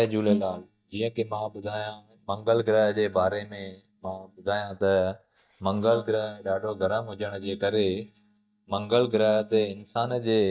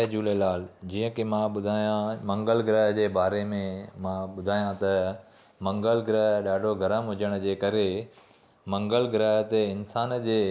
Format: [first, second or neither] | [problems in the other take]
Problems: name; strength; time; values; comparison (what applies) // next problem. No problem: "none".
second | noise reduction (neural mask model DeepFilterNet 3)